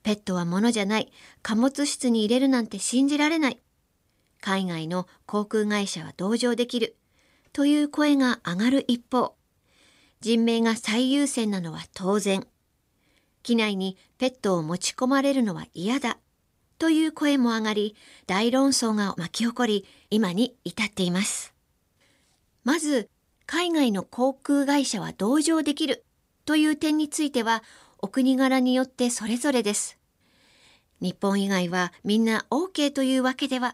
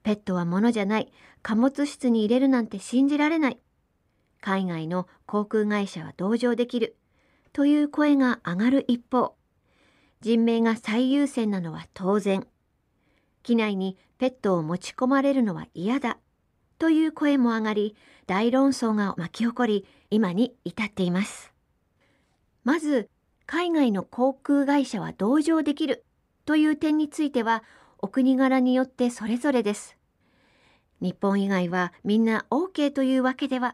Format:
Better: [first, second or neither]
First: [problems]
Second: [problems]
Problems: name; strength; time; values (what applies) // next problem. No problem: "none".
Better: first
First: none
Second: muffled; slightly; fading above 3 kHz